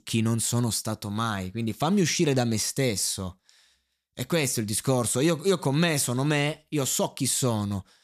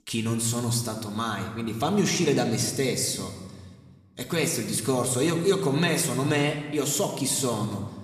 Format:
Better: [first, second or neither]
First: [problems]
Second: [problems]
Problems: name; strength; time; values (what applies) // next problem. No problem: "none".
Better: first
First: none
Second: room echo; slight; dies away in 1.2 s // off-mic speech; somewhat distant